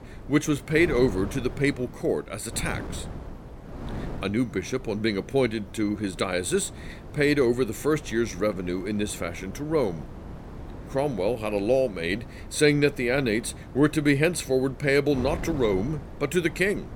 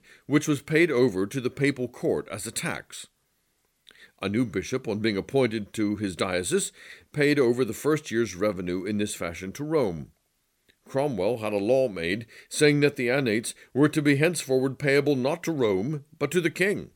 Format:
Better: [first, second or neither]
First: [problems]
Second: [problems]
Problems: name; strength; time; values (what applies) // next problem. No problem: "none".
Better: second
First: wind noise on the microphone; occasional gusts; 15 dB below the speech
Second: none